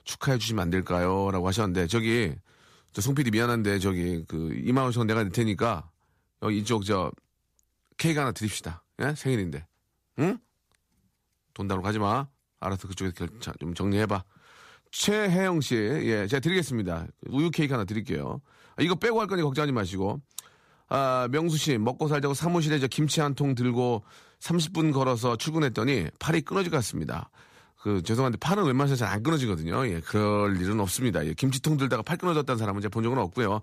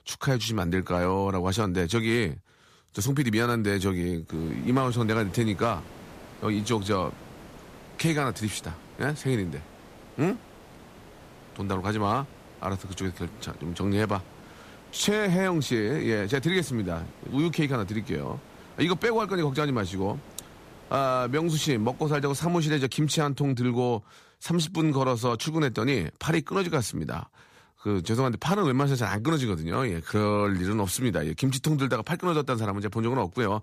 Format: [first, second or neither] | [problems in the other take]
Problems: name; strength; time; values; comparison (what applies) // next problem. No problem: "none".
first | hiss; faint; from 4.5 to 22 s; 20 dB below the speech